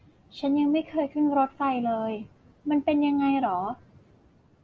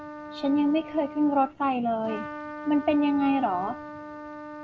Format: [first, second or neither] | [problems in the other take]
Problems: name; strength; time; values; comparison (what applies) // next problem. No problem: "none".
first | background sound (Trumpet); 13 dB below the speech